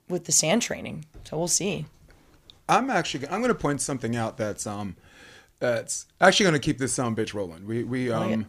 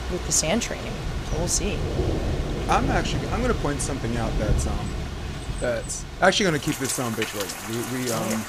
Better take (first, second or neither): first